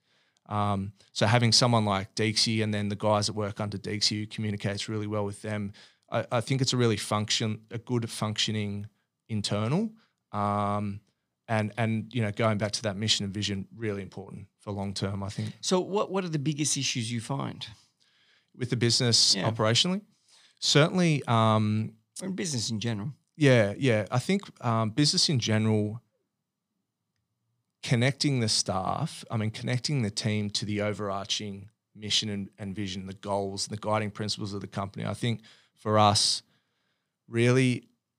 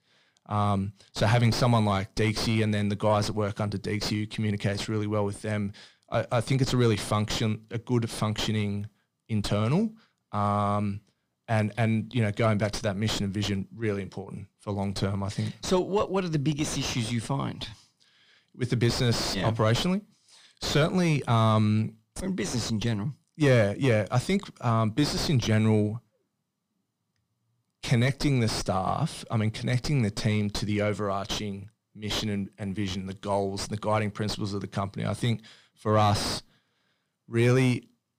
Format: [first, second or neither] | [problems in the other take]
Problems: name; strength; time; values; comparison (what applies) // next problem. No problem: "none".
first | distortion; heavy; 3 dB below the speech